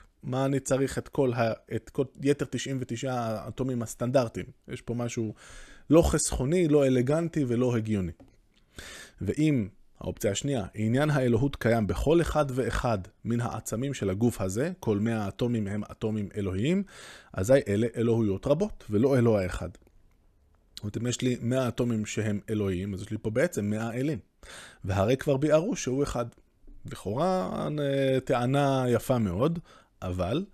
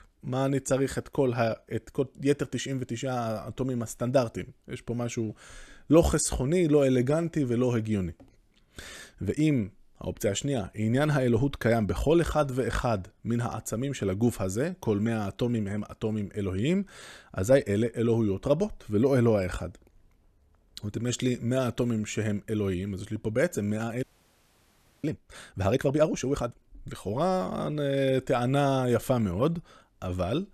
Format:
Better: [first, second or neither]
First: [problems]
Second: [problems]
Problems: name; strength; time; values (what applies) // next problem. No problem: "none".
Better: first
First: none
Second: audio freezing; at 24 s for 1 s